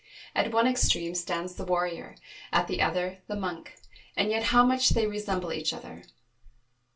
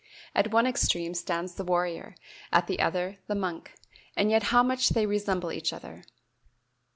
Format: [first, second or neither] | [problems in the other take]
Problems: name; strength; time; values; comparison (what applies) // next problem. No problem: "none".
second | room echo; dies away in 0.2 s